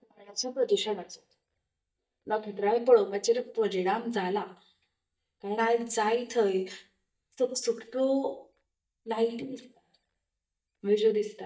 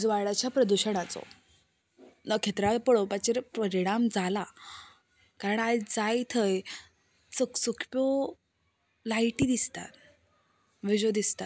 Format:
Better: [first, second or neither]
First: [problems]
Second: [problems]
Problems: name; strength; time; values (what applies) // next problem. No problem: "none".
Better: second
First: noise reduction (neural mask model DeepFilterNet 3)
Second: none